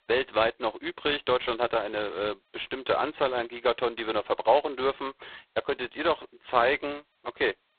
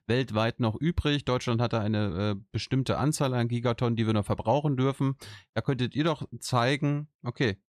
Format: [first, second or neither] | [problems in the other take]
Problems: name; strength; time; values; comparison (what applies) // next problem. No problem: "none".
second | phone-call audio; poor line; nothing above 4 kHz